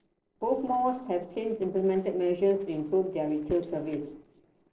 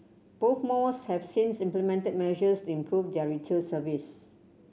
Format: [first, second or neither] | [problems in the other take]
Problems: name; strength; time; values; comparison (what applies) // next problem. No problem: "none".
second | noise reduction (neural separator model SepFormer DNS4)